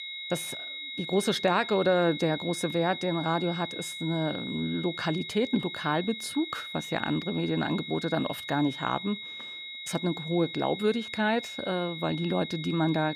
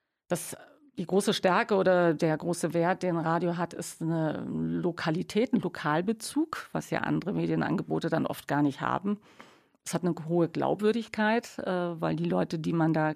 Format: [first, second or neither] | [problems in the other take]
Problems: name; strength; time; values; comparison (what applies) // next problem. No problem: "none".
second | high-pitched whine; loud; throughout; 4 kHz, 7 dB below the speech